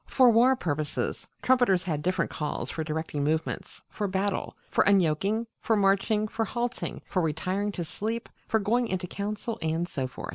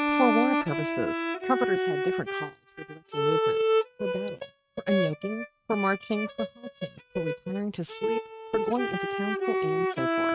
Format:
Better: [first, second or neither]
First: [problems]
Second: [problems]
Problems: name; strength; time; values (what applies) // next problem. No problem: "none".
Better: first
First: none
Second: noise reduction (neural mask model RNNoise)